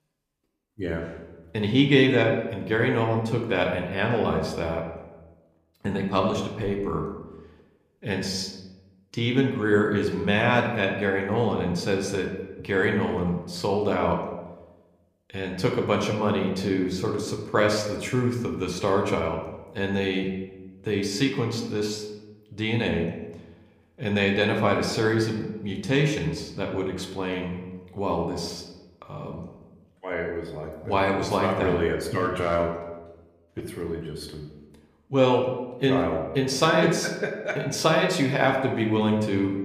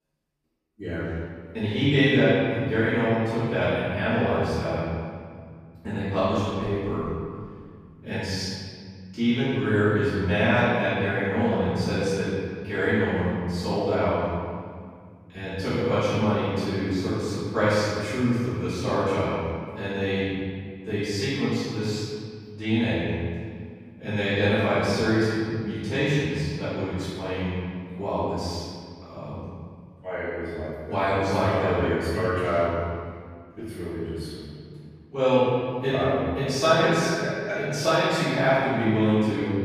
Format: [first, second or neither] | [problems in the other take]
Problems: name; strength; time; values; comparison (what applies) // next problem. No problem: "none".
first | room echo; strong; dies away in 2.1 s; slight in the first // off-mic speech; far